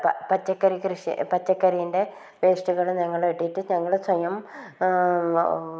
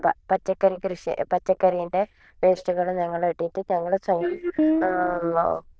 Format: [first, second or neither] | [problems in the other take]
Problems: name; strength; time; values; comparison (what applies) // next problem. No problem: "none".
first | noise reduction (neural diffusion model UNIVERSE++)